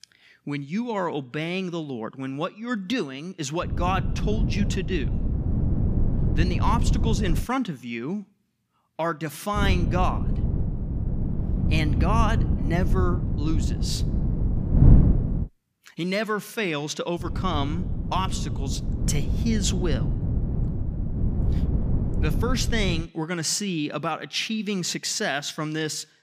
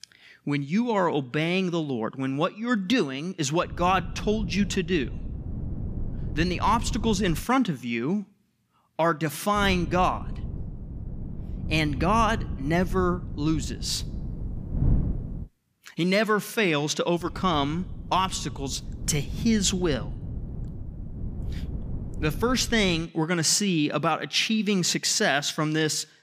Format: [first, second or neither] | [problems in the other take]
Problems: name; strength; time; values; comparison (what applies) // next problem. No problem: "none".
second | wind noise on the microphone; heavy; from 3.5 to 7.5 s, from 9.5 to 15 s and from 17 to 23 s; 8 dB below the speech; occasional gusts in the second